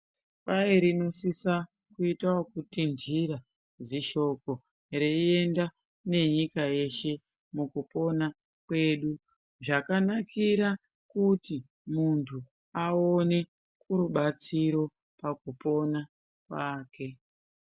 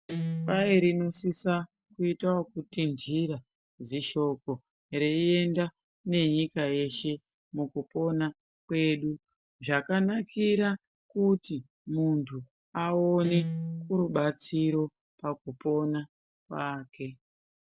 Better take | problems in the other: first | noise reduction (neural separator model SepFormer DNS4)

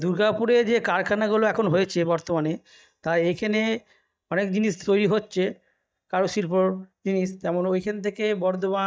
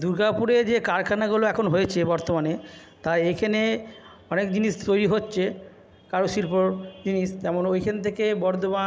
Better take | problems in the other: second | noise reduction (neural mask model DeepFilterNet 3)

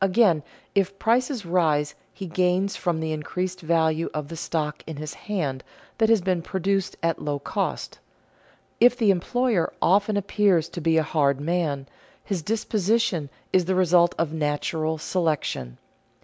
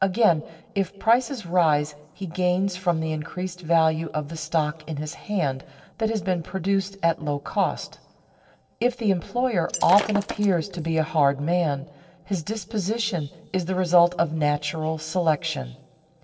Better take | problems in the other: first | noise reduction (neural separator model SepFormer DNS4)

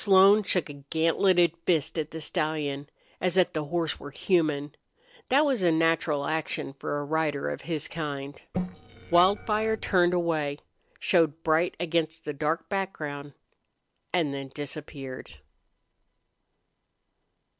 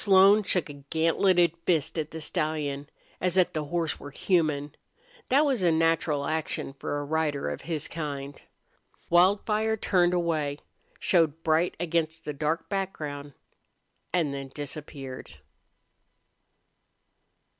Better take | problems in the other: second | noise reduction (neural separator model SepFormer DNS4)

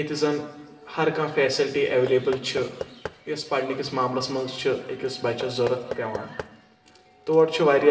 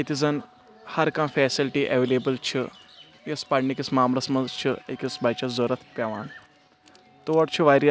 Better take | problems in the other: second | background sound (Knock / Wood); 15 dB below the speech // room echo; dies away in 1.1 s

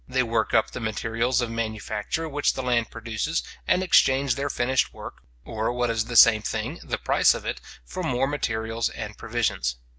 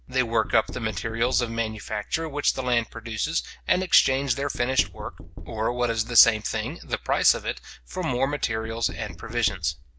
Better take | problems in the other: first | background sound (Knock); 15 dB below the speech

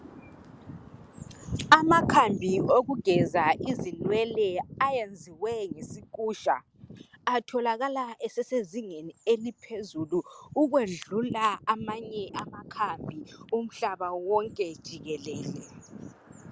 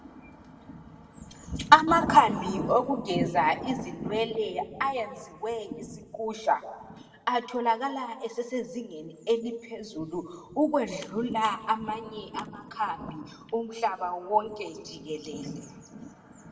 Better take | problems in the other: first | room echo; dies away in 1 s

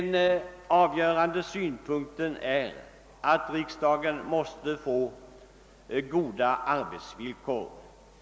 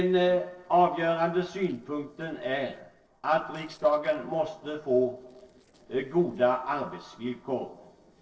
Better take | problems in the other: first | noise reduction (neural separator model SepFormer DNS4)

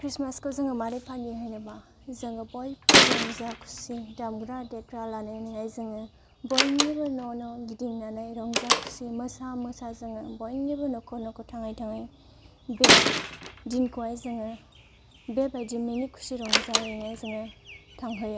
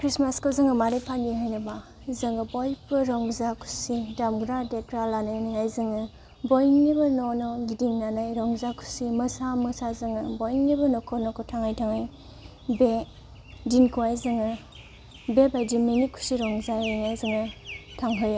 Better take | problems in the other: second | background sound (Slam); 3 dB above the speech

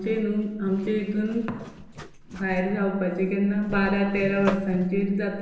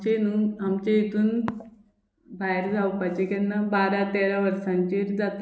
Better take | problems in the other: second | background sound (Zipper (clothing)); 14 dB below the speech // room echo; dies away in 0.9 s

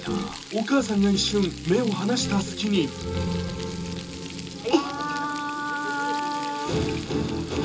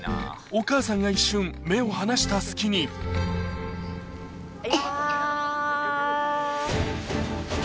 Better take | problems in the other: second | background sound (Frying (food)); 15 dB below the speech // room echo; dies away in 0.2 s

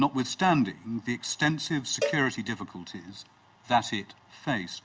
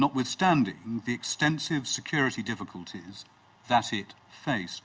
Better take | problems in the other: second | background sound (Cowbell); 9 dB below the speech

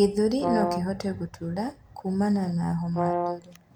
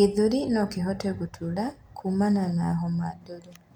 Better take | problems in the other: second | background sound (Brass instrument); 2 dB below the speech

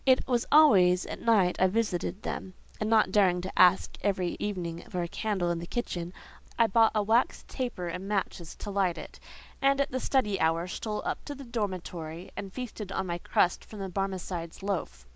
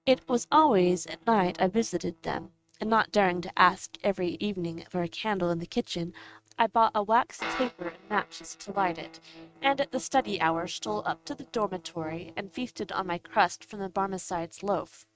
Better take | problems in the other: first | noise reduction (neural mask model RNNoise)

